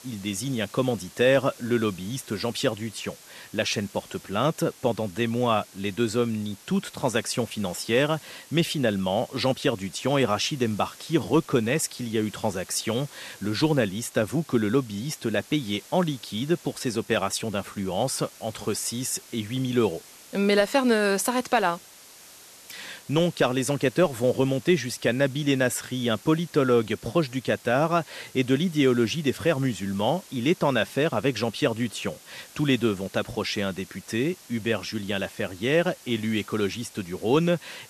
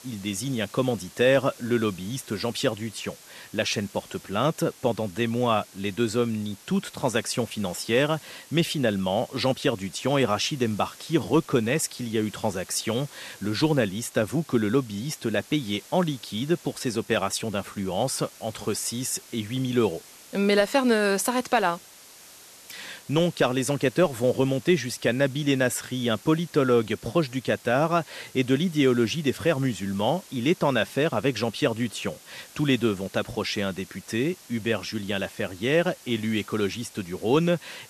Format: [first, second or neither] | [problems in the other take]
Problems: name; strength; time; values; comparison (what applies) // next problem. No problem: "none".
neither | hiss; faint; throughout; 20 dB below the speech; the same in both